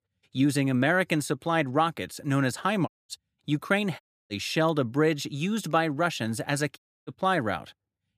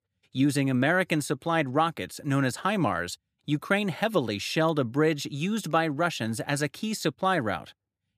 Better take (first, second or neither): second